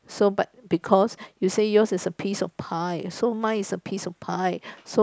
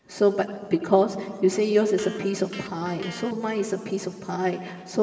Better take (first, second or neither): first